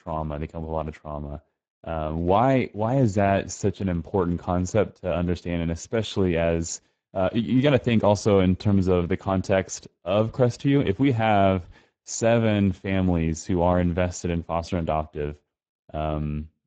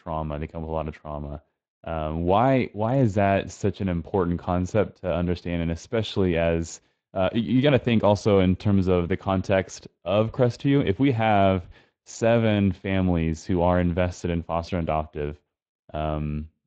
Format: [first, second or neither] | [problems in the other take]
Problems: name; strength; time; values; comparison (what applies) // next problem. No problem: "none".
second | garbled, watery; badly; nothing above 7.5 kHz; slightly in the second